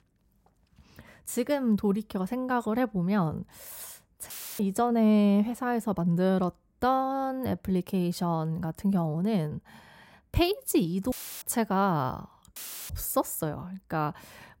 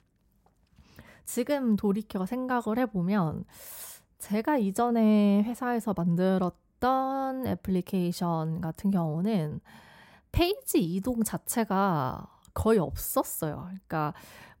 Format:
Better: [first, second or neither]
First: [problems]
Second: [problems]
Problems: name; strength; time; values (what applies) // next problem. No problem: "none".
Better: second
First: audio cutting out; filled with static; at 4.5 s, at 11 s and at 13 s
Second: none